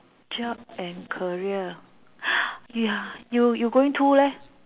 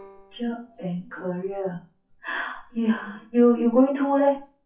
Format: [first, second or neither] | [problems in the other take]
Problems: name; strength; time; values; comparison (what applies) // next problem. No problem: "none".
first | noise reduction (classical method WPE with log-MMSE)